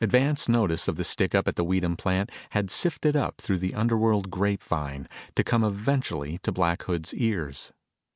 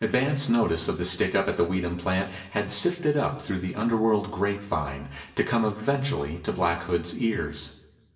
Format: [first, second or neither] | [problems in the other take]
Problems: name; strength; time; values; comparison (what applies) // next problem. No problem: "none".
first | room echo; dies away in 0.8 s